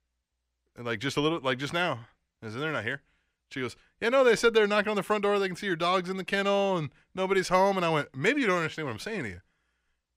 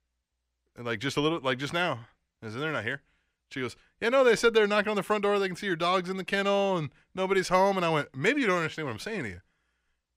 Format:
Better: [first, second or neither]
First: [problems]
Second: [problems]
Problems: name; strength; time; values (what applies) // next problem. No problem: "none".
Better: neither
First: none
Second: none